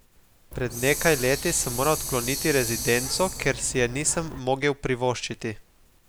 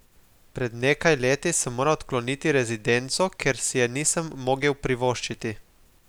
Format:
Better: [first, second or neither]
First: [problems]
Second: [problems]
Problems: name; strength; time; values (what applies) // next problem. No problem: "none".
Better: second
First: background sound (Hiss); 7 dB below the speech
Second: none